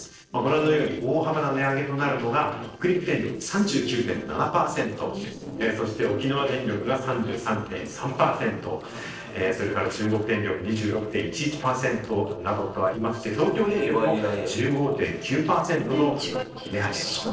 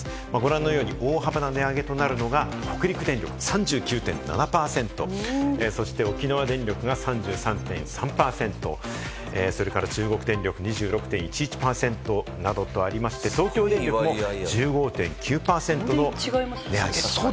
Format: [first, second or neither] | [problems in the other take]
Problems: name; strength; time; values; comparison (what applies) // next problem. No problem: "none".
second | noise reduction (neural separator model SepFormer DNS4)